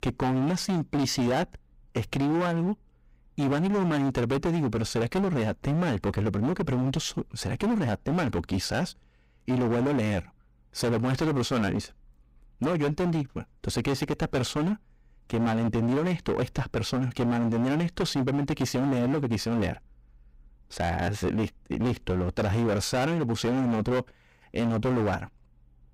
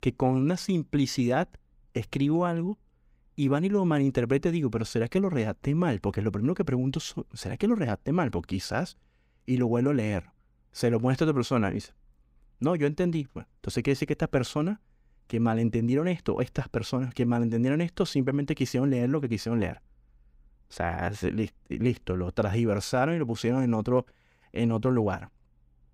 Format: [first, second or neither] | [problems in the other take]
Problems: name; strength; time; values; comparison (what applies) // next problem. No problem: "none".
second | distortion; heavy; 21% of the sound clipped